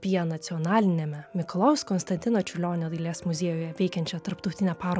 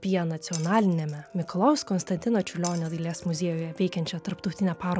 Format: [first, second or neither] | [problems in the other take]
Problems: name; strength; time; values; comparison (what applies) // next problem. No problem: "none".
first | background sound (Glass); 18 dB below the speech